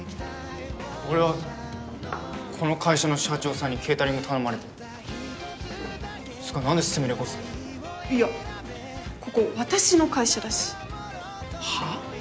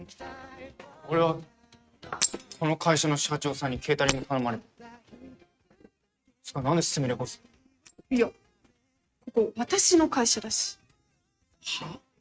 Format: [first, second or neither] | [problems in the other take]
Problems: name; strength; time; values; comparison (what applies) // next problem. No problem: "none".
first | noise reduction (neural mask model RNNoise)